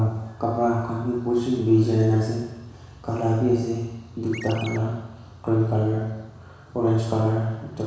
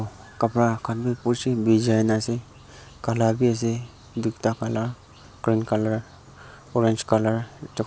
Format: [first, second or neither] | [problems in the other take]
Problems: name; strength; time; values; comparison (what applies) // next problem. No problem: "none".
second | background sound (Chirp, tweet); 13 dB below the speech // room echo; dies away in 1.1 s